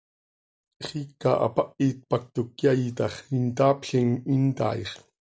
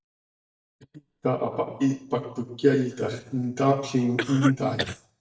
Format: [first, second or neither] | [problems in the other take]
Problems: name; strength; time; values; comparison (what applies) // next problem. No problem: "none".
first | noise reduction (neural mask model DeepFilterNet 3)